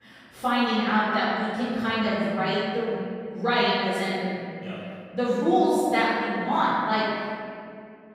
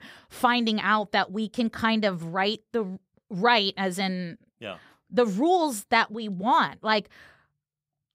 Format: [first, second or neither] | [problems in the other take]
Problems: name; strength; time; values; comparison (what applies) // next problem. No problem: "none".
second | off-mic speech; far // room echo; strong; dies away in 2.3 s